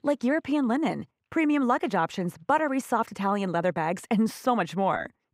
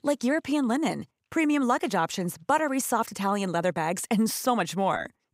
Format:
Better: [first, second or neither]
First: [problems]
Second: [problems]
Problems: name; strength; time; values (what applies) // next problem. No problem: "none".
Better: second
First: muffled; slightly; fading above 4 kHz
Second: none